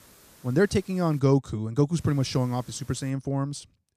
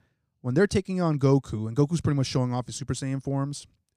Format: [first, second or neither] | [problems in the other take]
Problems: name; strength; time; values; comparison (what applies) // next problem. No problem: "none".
second | hiss; faint; until 1 s and from 2 to 3 s; 25 dB below the speech